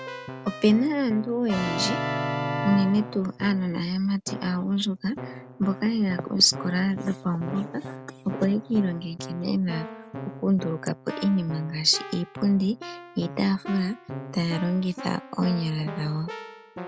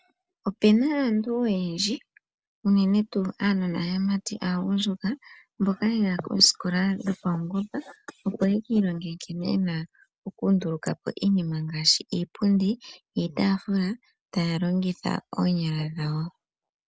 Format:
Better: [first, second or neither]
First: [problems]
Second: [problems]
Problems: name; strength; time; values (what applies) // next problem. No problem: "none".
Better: second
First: background sound (Keyboard (musical)); 10 dB below the speech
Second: none